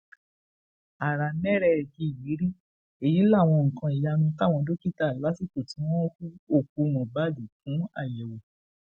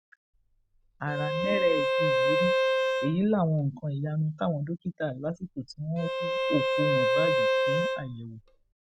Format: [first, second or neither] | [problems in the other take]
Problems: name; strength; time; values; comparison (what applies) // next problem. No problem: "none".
first | background sound (Bowed string instrument); 3 dB above the speech